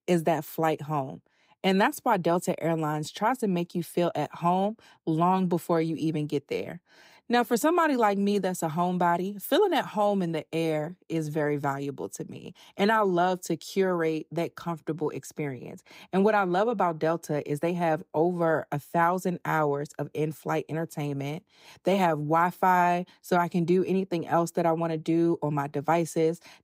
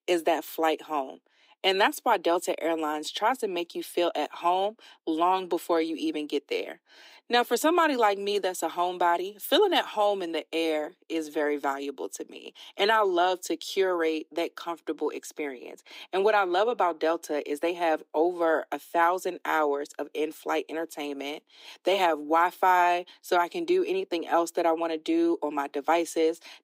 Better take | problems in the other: first | thin; somewhat; fading below 300 Hz

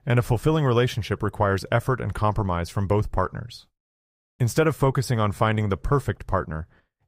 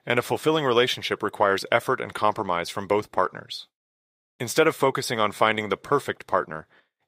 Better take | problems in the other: first | thin; somewhat; fading below 300 Hz

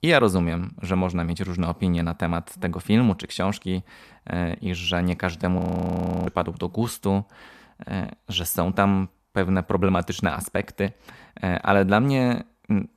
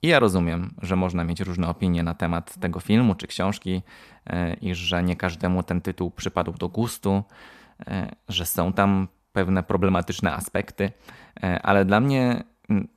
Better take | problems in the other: second | audio freezing; at 5.5 s for 0.5 s

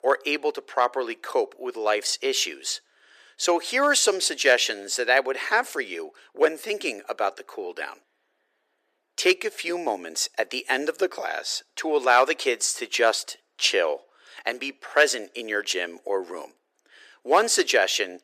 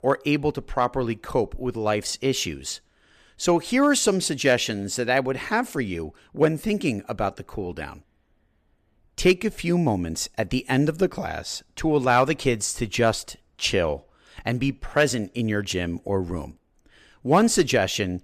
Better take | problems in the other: second | thin; very; fading below 350 Hz

